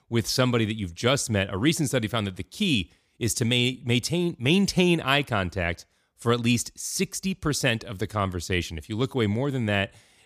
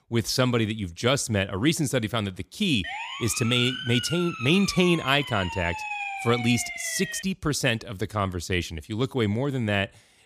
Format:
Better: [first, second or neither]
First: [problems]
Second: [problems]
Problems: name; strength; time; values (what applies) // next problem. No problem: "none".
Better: first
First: none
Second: siren; noticeable; from 3 to 7 s; peak 5 dB below the speech